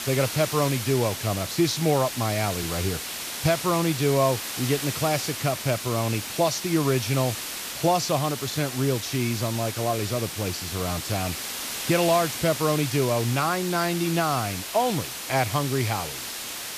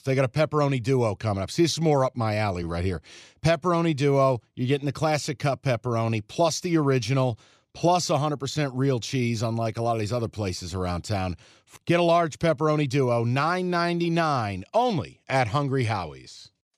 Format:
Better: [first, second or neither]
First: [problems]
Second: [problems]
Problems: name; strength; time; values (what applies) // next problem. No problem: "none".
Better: second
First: hiss; loud; throughout; 6 dB below the speech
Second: none